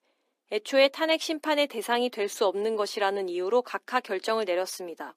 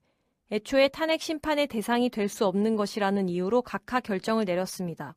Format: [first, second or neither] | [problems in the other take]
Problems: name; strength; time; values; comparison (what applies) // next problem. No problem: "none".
second | thin; somewhat; fading below 300 Hz